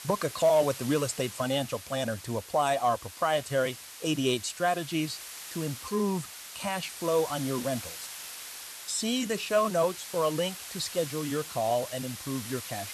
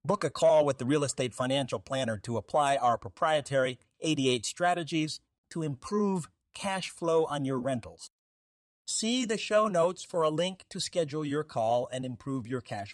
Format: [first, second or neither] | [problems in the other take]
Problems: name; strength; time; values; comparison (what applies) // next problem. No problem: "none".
second | hiss; noticeable; throughout; 10 dB below the speech